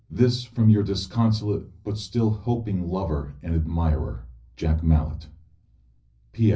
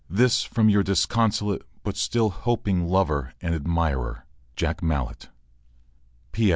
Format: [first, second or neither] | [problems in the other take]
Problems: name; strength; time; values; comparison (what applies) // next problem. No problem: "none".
second | room echo; dies away in 0.4 s